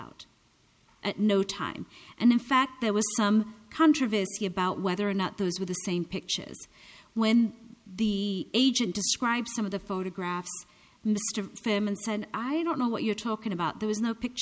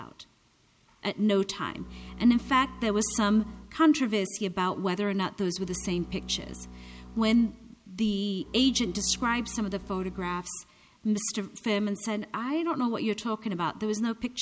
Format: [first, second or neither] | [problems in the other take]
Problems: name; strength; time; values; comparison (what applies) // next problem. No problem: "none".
first | background sound (Bowed string instrument); 17 dB below the speech